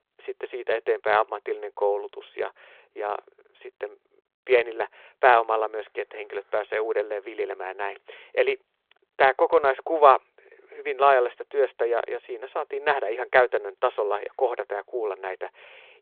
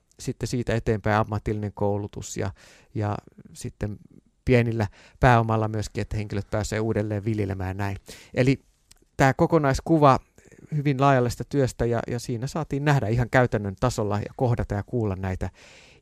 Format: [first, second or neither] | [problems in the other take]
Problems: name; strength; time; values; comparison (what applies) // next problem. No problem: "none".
second | phone-call audio; nothing above 3.5 kHz